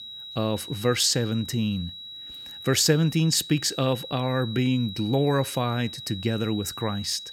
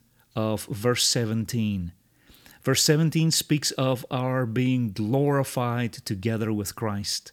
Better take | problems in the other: second | high-pitched whine; noticeable; throughout; 4 kHz, 10 dB below the speech

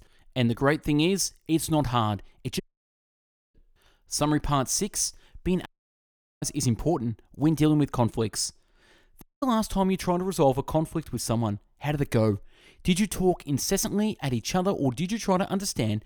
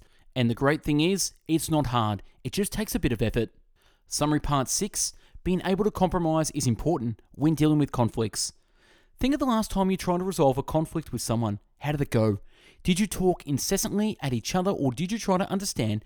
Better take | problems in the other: second | audio cutting out; at 2.5 s for 1 s, at 5.5 s for 1 s and at 9 s

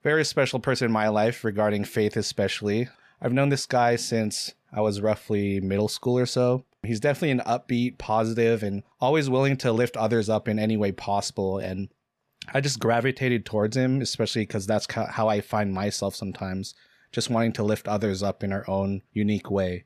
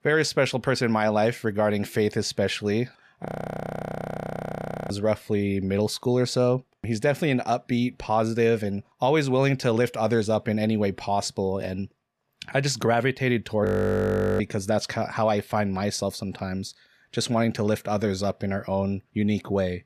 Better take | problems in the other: first | audio freezing; at 3.5 s for 1.5 s and at 14 s for 1 s

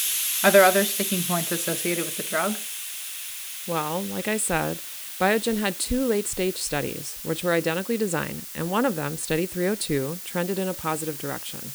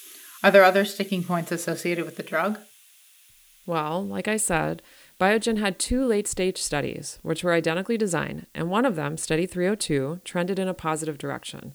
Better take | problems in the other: second | hiss; loud; throughout; 5 dB below the speech; faint in the second

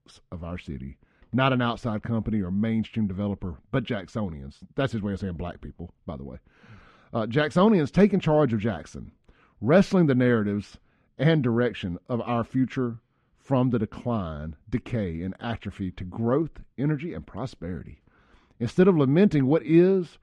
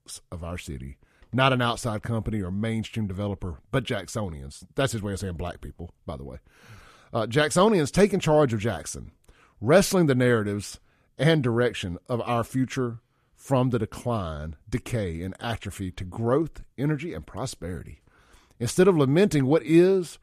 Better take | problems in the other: second | muffled; slightly; fading above 3.5 kHz

